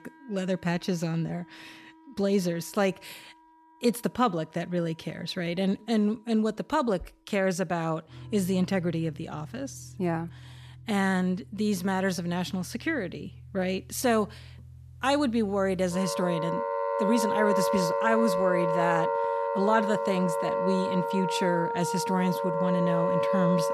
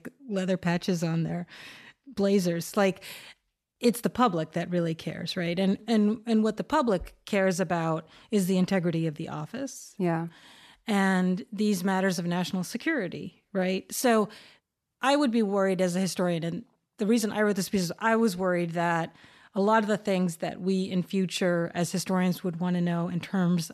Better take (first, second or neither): second